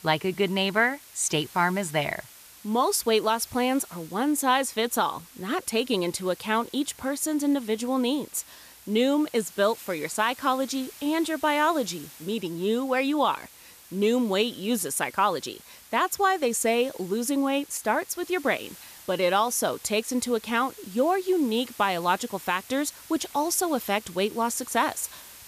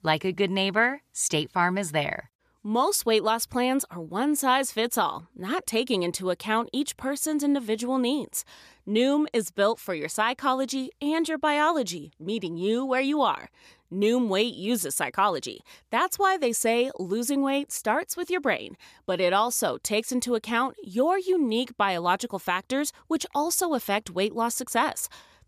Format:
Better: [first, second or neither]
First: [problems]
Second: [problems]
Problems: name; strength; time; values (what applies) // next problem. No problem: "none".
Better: second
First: hiss; noticeable; throughout; 20 dB below the speech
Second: none